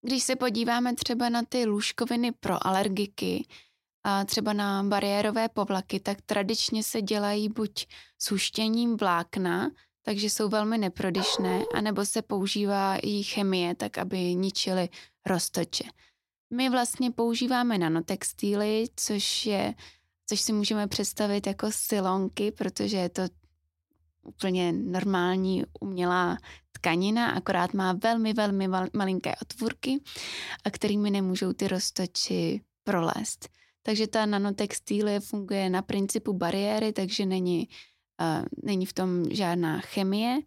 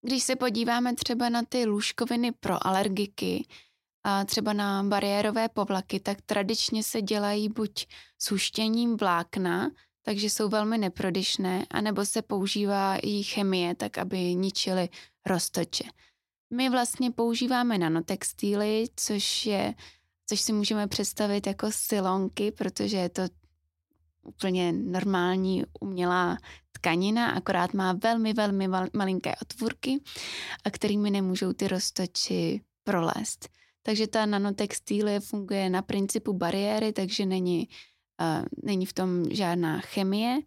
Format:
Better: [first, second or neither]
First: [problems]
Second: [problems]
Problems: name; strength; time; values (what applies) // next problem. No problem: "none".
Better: second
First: dog barking; noticeable; at 11 s; peak 5 dB below the speech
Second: none